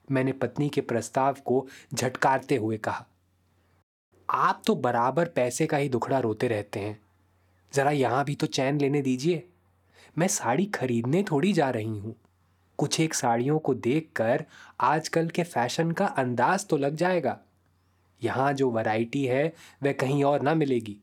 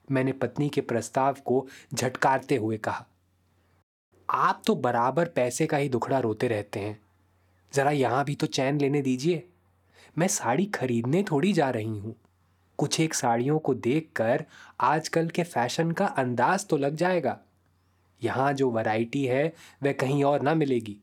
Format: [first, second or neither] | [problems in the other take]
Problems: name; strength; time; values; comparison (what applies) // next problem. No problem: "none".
neither | none